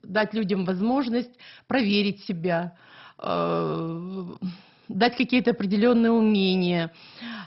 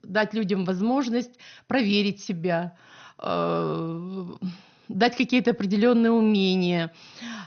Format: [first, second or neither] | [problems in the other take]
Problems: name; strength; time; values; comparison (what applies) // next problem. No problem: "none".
second | garbled, watery; badly; nothing above 5.5 kHz; slightly in the second